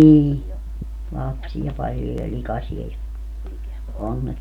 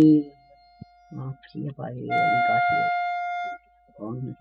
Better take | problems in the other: first | noise reduction (classical method spectral subtraction)

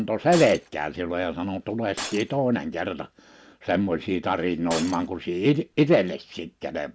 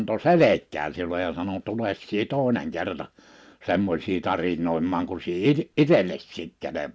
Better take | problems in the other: second | background sound (Shatter); 14 dB below the speech

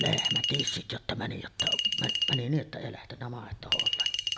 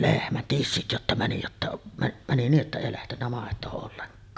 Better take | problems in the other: second | background sound (Chink, clink); 3 dB above the speech

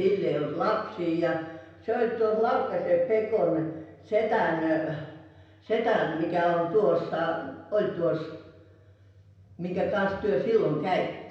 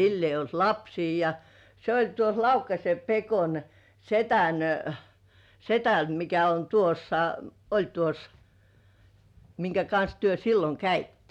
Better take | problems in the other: second | room echo; dies away in 0.9 s

